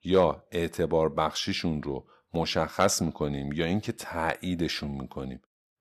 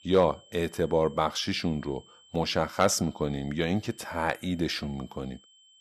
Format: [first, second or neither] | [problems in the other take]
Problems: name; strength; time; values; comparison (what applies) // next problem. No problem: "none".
first | high-pitched whine; faint; throughout; 3 kHz, 25 dB below the speech